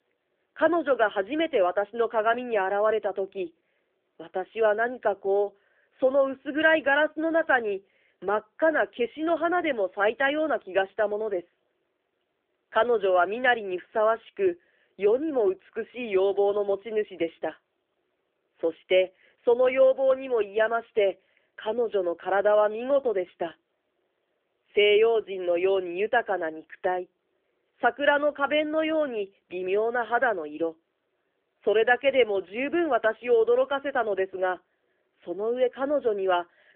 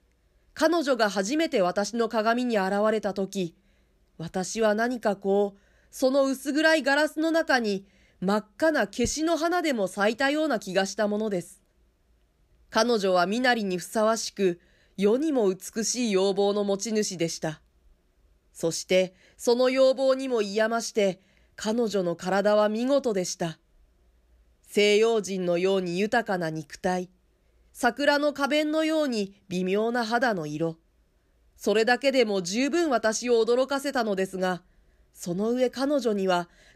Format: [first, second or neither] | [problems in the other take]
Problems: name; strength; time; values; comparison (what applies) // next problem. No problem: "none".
second | phone-call audio; nothing above 3 kHz